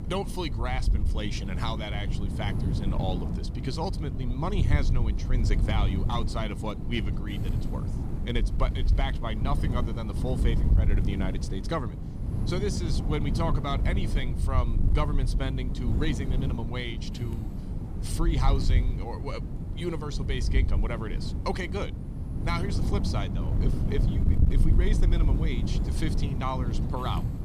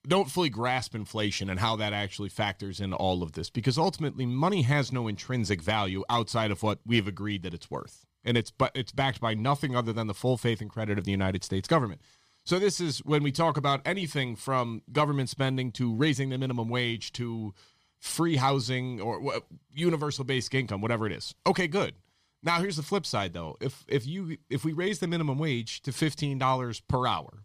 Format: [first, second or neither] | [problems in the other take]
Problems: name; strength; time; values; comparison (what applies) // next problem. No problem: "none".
second | wind noise on the microphone; heavy; 6 dB below the speech